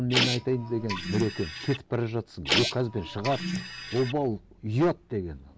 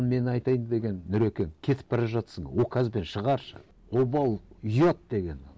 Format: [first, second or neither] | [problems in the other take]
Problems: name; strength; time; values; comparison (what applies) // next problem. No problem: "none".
second | background sound (Printer); 2 dB below the speech